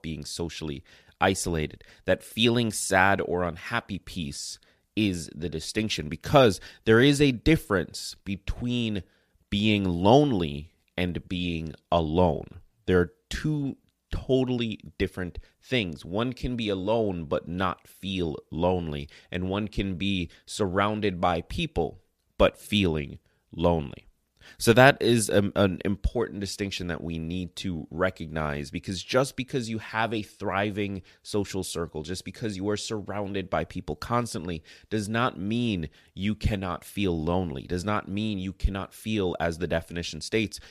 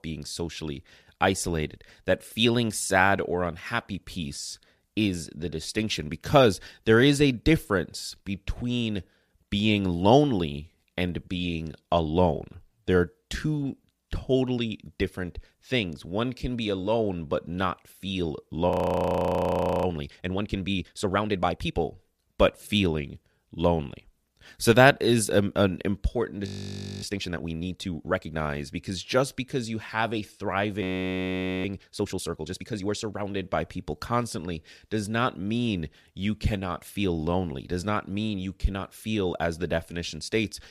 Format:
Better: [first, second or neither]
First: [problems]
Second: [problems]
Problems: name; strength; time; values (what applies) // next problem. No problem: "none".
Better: first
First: none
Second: audio freezing; at 19 s for 1 s, at 26 s for 0.5 s and at 31 s for 1 s